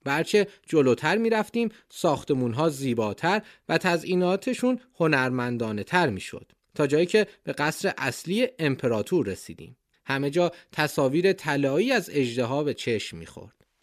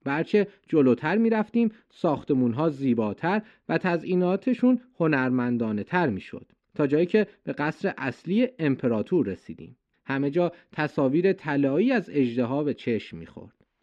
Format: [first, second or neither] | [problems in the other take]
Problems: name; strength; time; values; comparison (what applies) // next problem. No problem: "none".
first | muffled; slightly; fading above 2.5 kHz